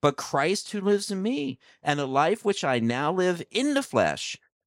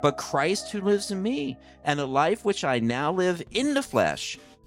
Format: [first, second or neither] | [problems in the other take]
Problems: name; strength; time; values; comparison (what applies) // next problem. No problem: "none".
first | background music; faint; throughout; 25 dB below the speech